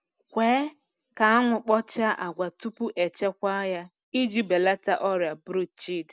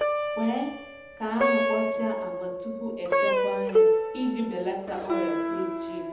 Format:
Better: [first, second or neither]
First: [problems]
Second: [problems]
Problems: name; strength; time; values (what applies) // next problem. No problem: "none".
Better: first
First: none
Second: background sound (Plucked string instrument); 5 dB above the speech // room echo; dies away in 1 s